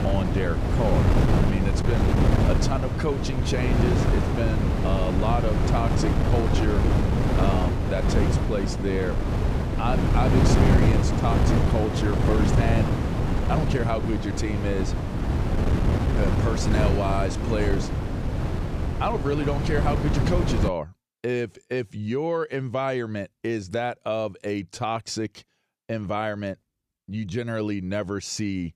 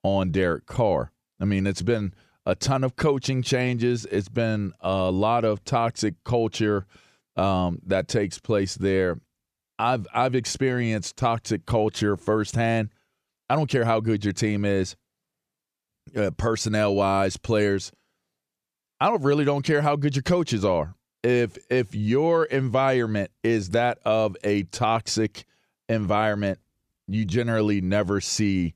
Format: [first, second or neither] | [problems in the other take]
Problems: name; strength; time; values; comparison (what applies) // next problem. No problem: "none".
second | wind noise on the microphone; heavy; until 21 s; 1 dB below the speech